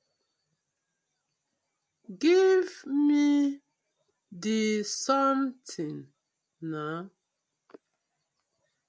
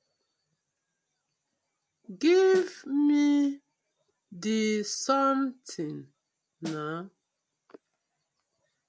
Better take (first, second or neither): first